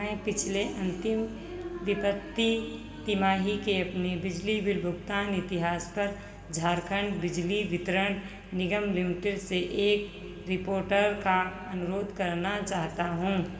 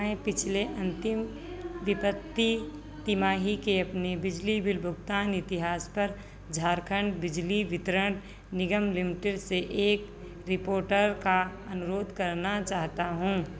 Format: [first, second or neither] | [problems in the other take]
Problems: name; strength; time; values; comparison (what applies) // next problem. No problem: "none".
second | room echo; dies away in 2.1 s